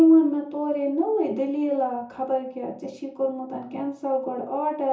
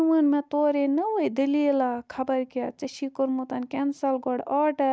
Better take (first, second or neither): second